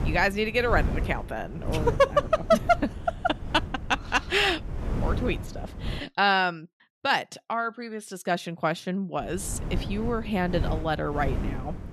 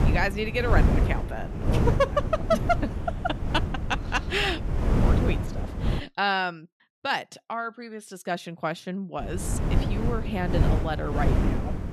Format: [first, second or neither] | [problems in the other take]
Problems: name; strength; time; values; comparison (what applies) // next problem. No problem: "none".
first | wind noise on the microphone; heavy; until 6 s and from 9 s on; 7 dB below the speech; occasional gusts in the first